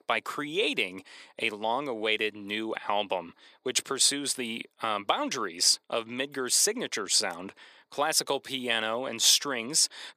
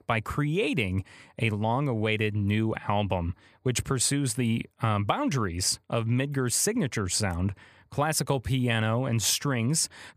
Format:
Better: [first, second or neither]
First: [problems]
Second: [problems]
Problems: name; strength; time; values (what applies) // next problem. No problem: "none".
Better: second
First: thin; somewhat; fading below 350 Hz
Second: none